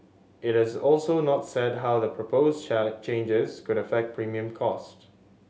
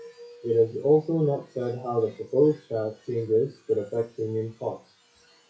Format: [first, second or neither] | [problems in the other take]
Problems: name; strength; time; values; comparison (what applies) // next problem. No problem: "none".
first | noise reduction (classical method WPE with log-MMSE)